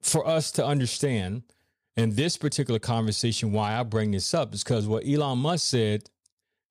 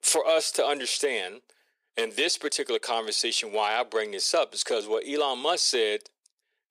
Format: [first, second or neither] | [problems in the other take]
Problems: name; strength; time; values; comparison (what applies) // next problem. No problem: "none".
first | thin; very; fading below 350 Hz